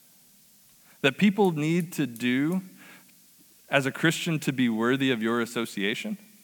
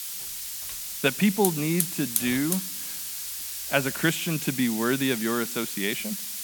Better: first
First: hiss; faint; throughout; 25 dB below the speech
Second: hiss; loud; throughout; 3 dB below the speech

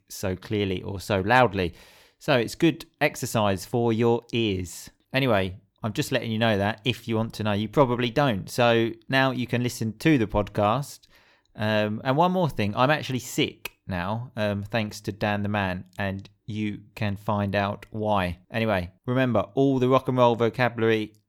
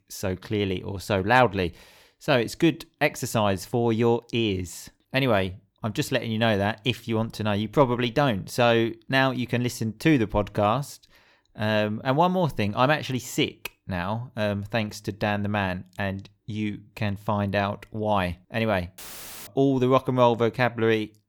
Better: first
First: none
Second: audio cutting out; filled with static; at 19 s

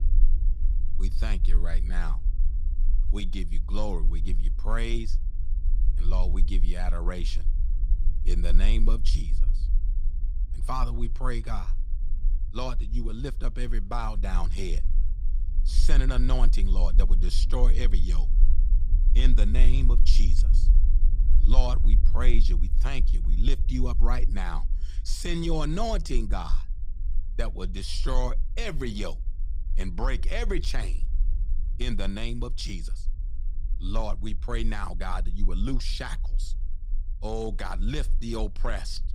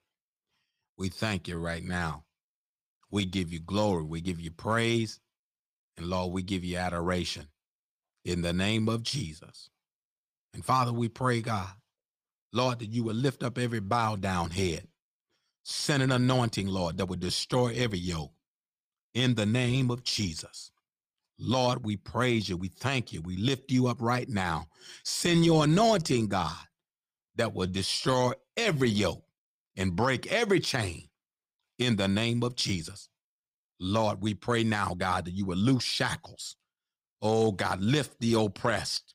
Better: second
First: low rumble; noticeable; throughout; 15 dB below the speech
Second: none

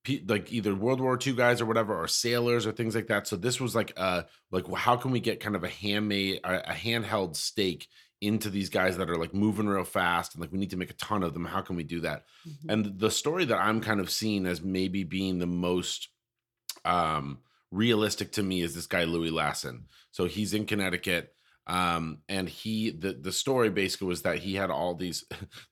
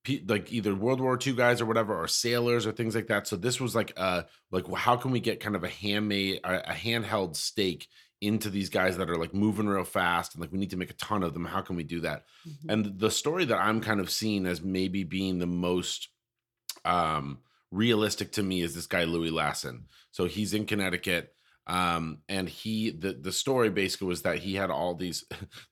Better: neither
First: none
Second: none

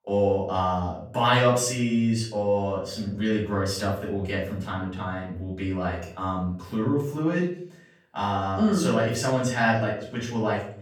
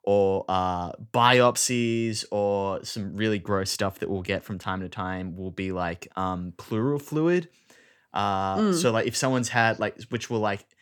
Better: second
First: off-mic speech; far // room echo; noticeable; dies away in 0.5 s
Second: none

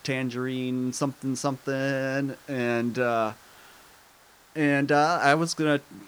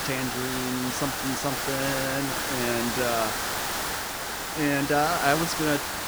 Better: first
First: hiss; faint; throughout; 25 dB below the speech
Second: hiss; loud; throughout; as loud as the speech

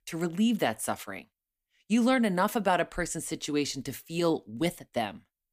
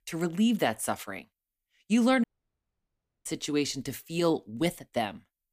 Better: first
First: none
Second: audio cutting out; at 2 s for 1 s

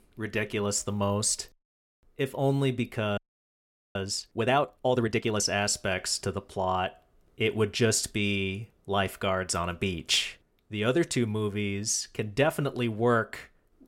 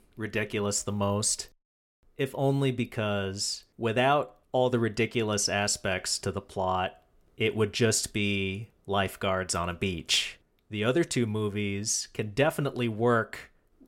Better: second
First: audio freezing; at 3 s for 1 s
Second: none

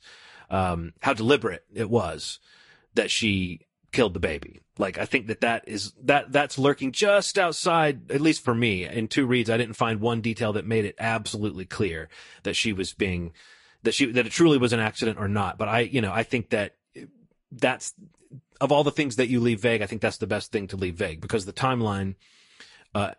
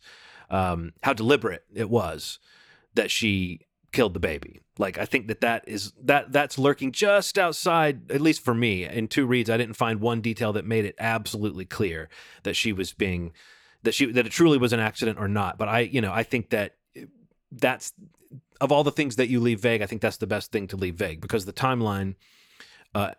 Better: second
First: garbled, watery; slightly; nothing above 11 kHz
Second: none

